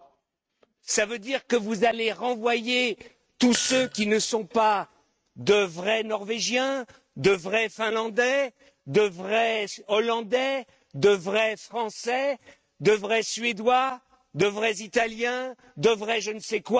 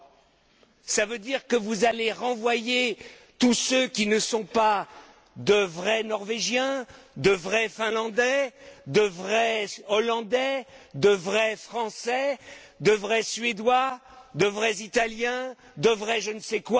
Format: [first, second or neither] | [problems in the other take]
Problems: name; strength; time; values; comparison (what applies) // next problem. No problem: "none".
second | noise reduction (neural mask model RNNoise)